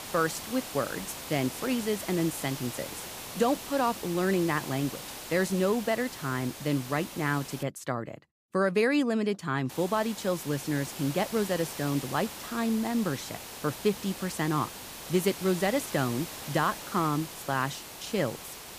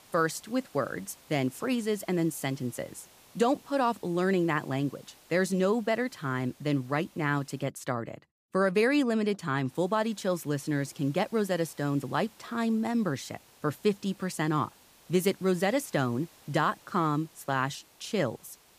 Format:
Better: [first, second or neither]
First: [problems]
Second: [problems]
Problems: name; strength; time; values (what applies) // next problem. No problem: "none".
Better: second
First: hiss; loud; until 7.5 s and from 9.5 s on; 10 dB below the speech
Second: hiss; faint; until 7.5 s and from 9.5 s on; 25 dB below the speech